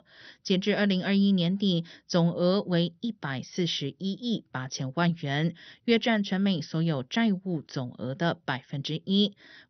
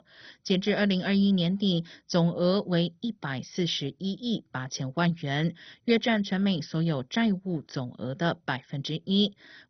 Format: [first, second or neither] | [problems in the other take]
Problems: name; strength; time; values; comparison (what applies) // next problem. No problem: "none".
first | garbled, watery; badly; nothing above 6 kHz; slightly in the first